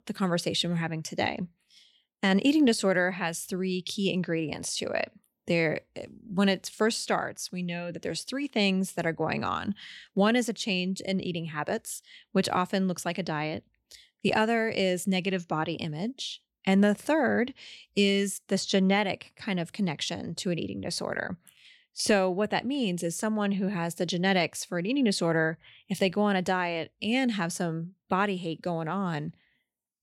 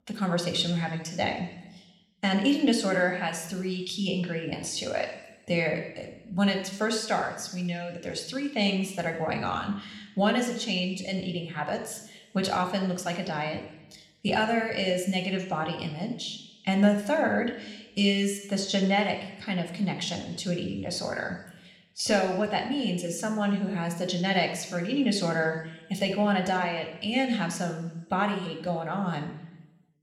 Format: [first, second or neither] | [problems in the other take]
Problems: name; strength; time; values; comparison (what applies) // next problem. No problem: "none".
first | room echo; slight; dies away in 0.9 s